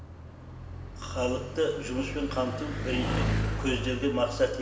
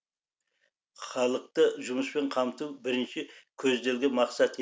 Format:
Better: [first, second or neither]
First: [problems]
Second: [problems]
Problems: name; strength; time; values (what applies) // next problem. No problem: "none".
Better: second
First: background sound (Bicycle); 2 dB below the speech // room echo; dies away in 1.3 s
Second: none